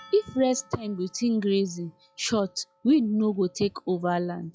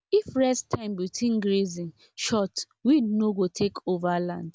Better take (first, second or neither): second